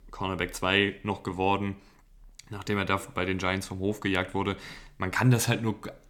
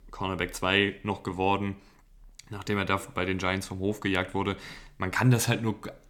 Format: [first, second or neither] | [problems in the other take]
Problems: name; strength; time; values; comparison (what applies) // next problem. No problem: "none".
neither | none